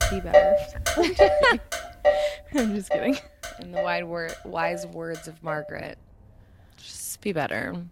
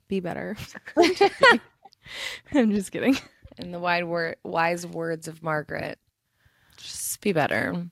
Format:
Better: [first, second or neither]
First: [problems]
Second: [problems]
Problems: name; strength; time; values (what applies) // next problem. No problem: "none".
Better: second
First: traffic noise; very loud; throughout; 3 dB above the speech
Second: none